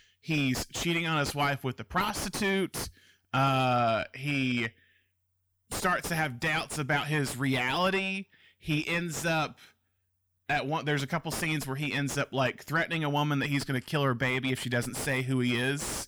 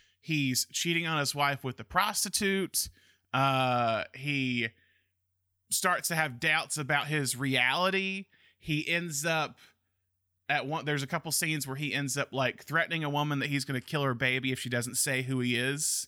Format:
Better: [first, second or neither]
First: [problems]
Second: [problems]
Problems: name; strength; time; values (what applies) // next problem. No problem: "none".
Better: second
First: distortion; heavy; 7 dB below the speech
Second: none